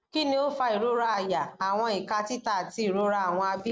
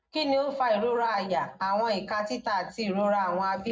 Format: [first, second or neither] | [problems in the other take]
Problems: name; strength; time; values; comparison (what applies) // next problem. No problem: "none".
first | room echo; dies away in 0.3 s